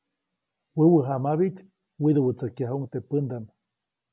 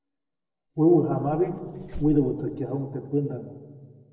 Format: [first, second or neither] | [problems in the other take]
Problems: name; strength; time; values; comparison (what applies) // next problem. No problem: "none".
first | noise reduction (neural separator model SepFormer DNS4)